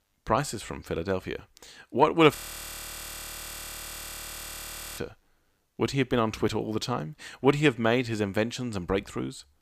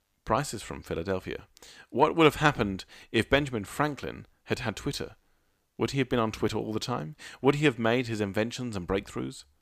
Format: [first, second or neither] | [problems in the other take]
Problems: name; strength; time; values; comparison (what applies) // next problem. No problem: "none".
second | audio freezing; at 2.5 s for 2.5 s